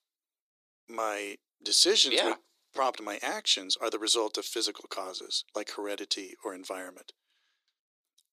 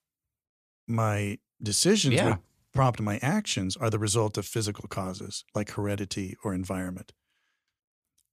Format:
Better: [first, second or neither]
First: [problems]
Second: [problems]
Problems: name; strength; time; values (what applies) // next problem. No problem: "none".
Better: second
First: thin; very; fading below 350 Hz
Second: none